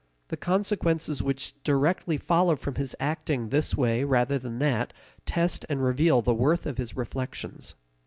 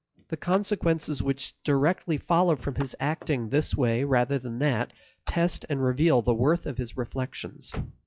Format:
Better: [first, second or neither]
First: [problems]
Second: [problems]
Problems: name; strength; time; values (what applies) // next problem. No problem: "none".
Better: first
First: none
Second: noise reduction (classical method log-MMSE)